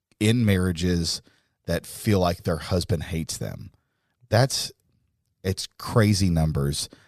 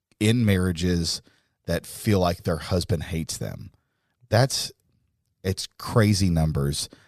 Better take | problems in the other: neither | none

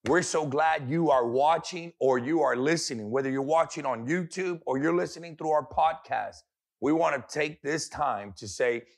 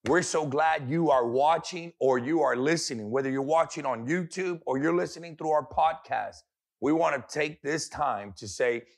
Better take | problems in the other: neither | none

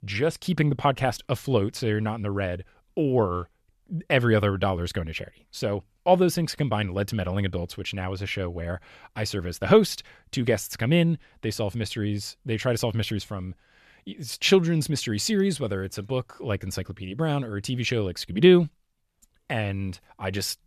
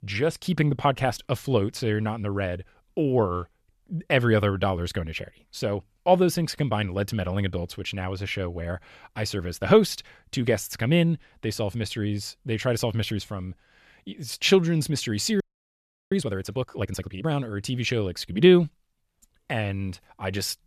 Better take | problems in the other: first | audio freezing; at 15 s for 0.5 s

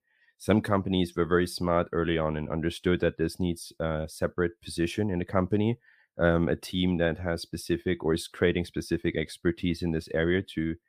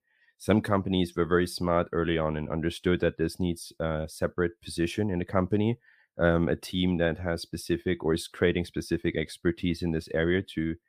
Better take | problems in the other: neither | none

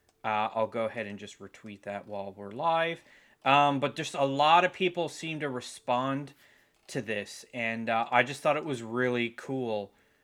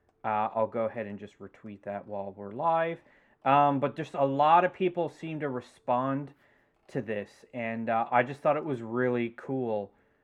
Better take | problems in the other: first | muffled; very; fading above 2.5 kHz

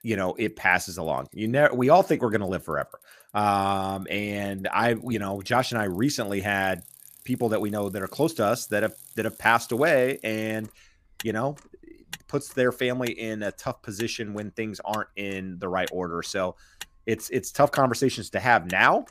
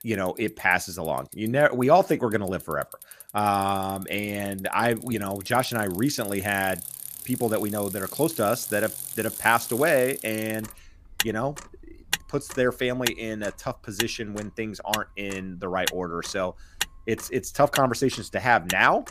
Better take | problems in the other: first | traffic noise; loud; throughout; 8 dB below the speech; faint in the first

